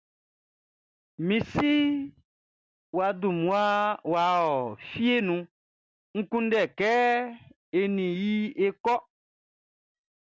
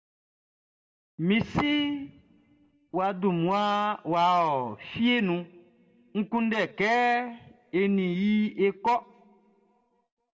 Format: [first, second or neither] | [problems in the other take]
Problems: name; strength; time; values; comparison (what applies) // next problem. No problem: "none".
first | room echo; dies away in 0.4 s